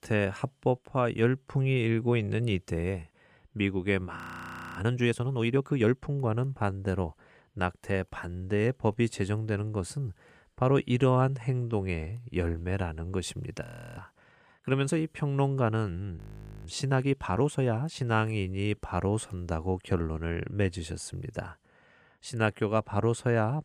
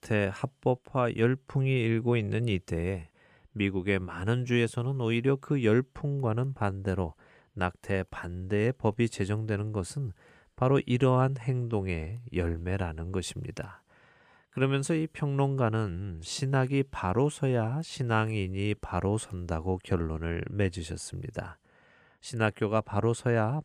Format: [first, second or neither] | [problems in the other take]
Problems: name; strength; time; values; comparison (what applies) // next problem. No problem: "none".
second | audio freezing; at 4 s for 0.5 s, at 14 s and at 16 s